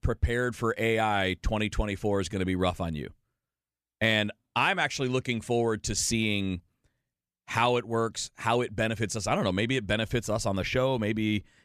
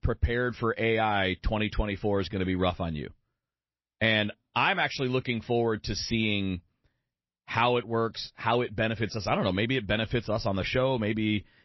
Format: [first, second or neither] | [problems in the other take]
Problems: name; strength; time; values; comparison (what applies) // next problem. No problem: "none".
first | garbled, watery; slightly; nothing above 5.5 kHz